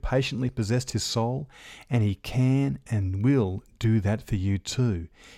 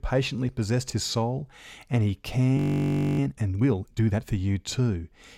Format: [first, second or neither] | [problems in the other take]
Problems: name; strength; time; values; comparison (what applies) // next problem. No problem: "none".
first | audio freezing; at 2.5 s for 0.5 s